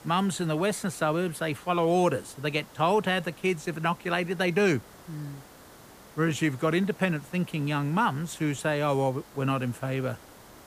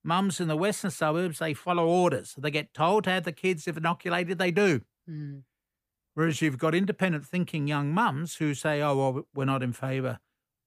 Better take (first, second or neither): second